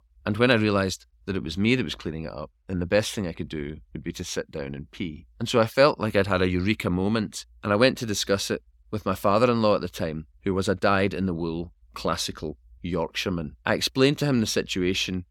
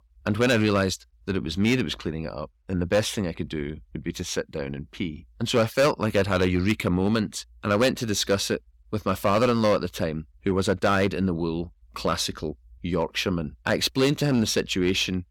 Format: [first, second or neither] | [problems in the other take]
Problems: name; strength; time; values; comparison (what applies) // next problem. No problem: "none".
first | distortion; slight; 4% of the sound clipped